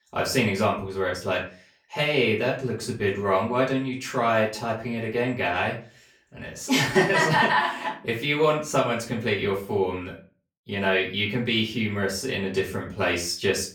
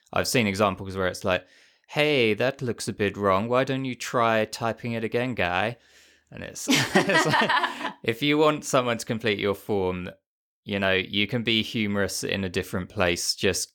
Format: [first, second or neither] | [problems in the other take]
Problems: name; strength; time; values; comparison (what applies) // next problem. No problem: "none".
second | room echo; slight; dies away in 0.3 s // off-mic speech; far